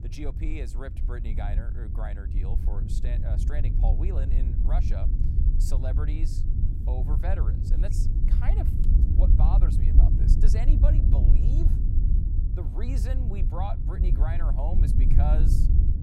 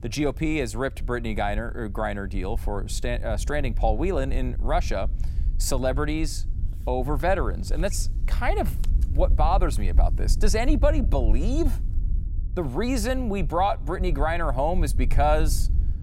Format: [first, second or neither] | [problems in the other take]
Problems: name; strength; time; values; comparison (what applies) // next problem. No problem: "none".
second | low rumble; loud; throughout; 2 dB below the speech; faint in the second